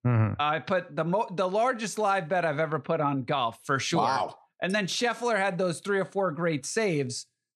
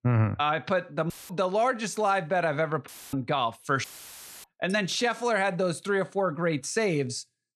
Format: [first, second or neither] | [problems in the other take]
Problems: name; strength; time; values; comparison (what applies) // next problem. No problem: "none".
first | audio cutting out; filled with static; at 1 s, at 3 s and at 4 s for 0.5 s